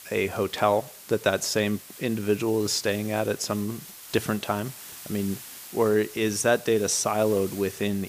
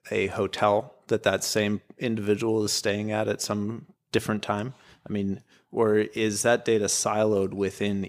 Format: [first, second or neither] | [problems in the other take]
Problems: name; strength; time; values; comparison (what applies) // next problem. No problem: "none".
second | hiss; noticeable; throughout; 15 dB below the speech